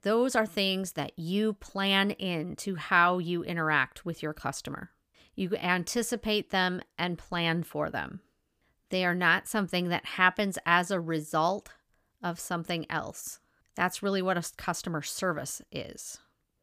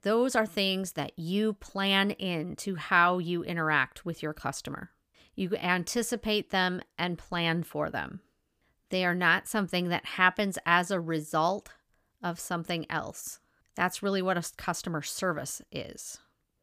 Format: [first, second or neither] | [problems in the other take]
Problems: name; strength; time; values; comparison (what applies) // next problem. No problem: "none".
neither | none